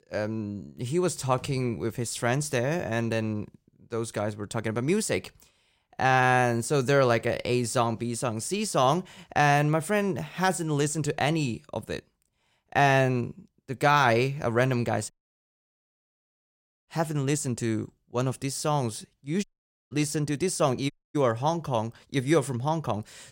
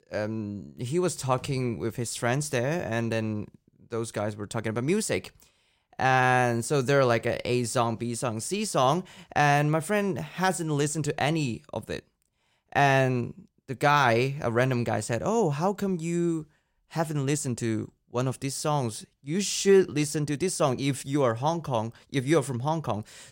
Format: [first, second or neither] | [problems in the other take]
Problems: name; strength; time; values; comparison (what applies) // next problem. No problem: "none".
second | audio cutting out; at 15 s for 2 s, at 19 s and at 21 s